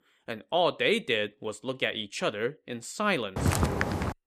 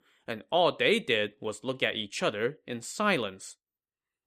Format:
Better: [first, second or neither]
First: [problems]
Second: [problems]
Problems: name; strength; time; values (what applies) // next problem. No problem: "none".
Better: second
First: footsteps; loud; at 3.5 s; peak 2 dB above the speech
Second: none